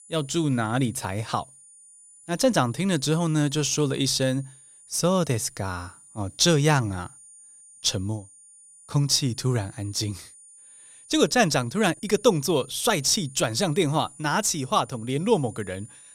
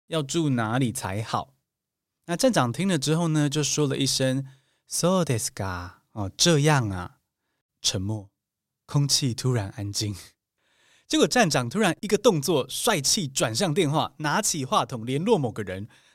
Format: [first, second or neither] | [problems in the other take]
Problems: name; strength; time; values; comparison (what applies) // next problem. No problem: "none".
second | high-pitched whine; faint; throughout; 9.5 kHz, 25 dB below the speech